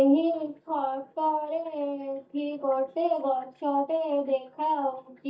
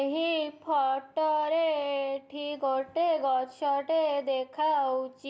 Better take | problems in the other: second | noise reduction (neural mask model DeepFilterNet 3)

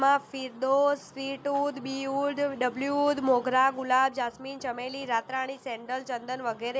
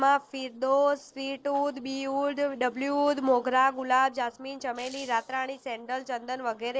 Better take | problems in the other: first | noise reduction (neural separator model SepFormer DNS4)

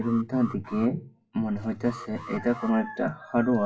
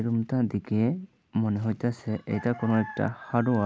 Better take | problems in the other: second | noise reduction (classical method WPE with log-MMSE)

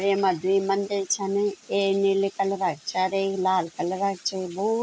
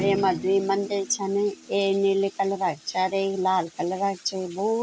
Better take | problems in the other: first | background sound (Drum); 16 dB below the speech

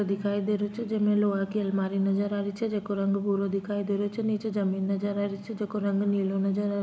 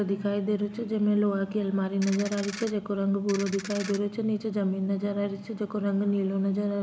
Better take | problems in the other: first | background sound (Ratchet, pawl); 13 dB below the speech

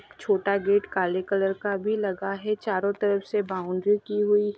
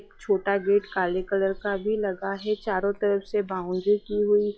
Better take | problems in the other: first | noise reduction (classical method log-MMSE)

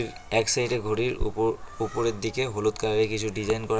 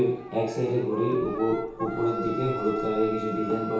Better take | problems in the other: first | background sound (Wind instrument, woodwind instrument); 10 dB below the speech // room echo; dies away in 0.8 s

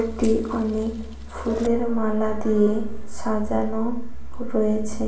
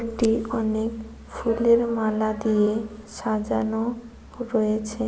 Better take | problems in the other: second | background sound (Mechanisms / Bicycle); 3 dB below the speech // room echo; dies away in 0.5 s

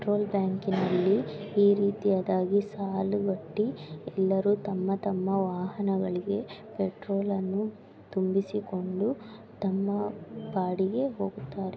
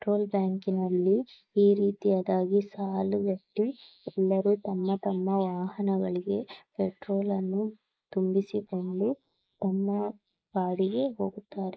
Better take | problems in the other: first | noise reduction (neural mask model Resemble Enhance denoiser)

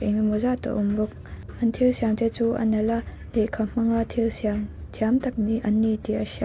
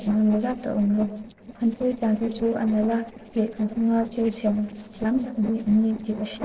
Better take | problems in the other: first | noise reduction (neural separator model SepFormer DNS4)

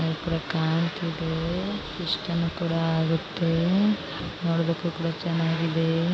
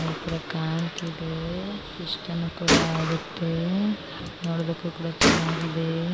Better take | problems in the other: first | background sound (Gunshot, gunfire); 2 dB below the speech

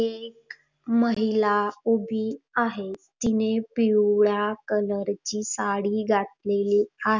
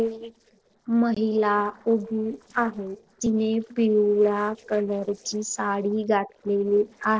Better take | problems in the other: first | noise reduction (neural separator model SepFormer DNS4)

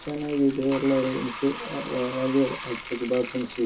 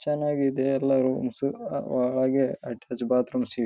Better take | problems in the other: second | background sound (Bathtub (filling or washing)); 12 dB below the speech // room echo; dies away in 0.2 s

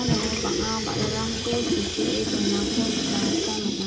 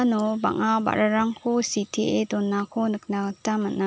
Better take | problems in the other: second | background sound (Sink (filling or washing) / Water tap, faucet); 3 dB above the speech // room echo; dies away in 0.2 s

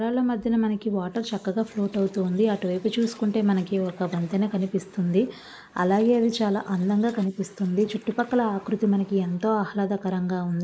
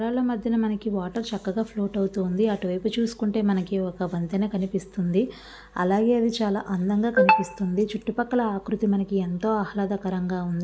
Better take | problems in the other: second | noise reduction (neural mask model Resemble Enhance denoiser)

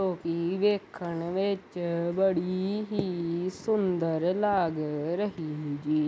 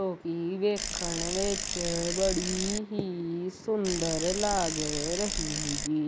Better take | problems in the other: first | background sound (Bicycle); 2 dB below the speech

